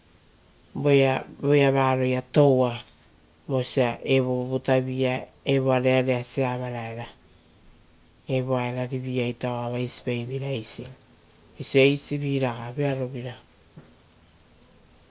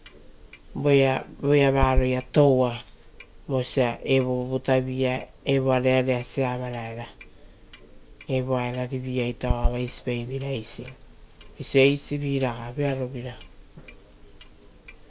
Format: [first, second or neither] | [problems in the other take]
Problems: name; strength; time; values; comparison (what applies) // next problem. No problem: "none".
first | background sound (Clock); 9 dB below the speech